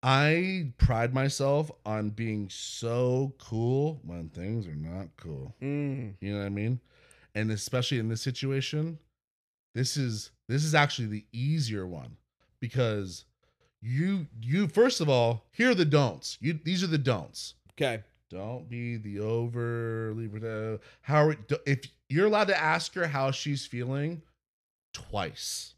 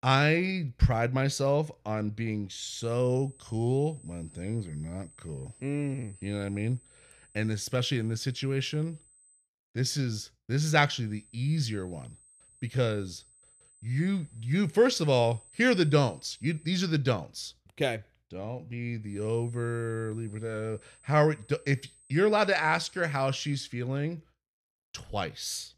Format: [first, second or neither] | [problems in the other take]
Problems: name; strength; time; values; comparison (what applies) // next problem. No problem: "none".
first | high-pitched whine; faint; from 2.5 to 9.5 s, from 11 to 17 s and from 19 to 24 s; 8 kHz, 25 dB below the speech